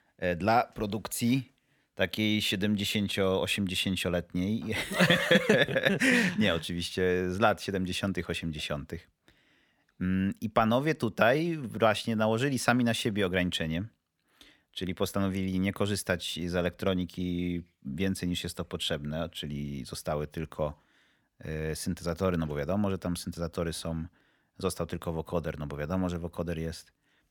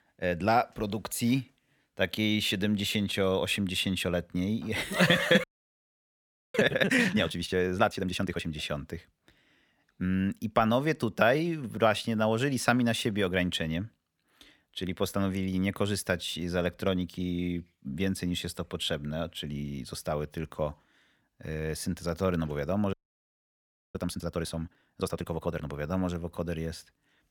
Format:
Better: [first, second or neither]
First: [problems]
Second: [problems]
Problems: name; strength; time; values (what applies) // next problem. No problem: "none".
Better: first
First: none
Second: audio freezing; at 5.5 s for 1 s and at 23 s for 1 s